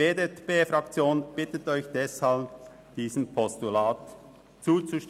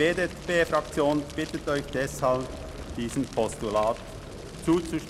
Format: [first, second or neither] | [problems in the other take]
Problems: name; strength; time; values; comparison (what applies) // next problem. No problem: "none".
first | background sound (Fire); 12 dB below the speech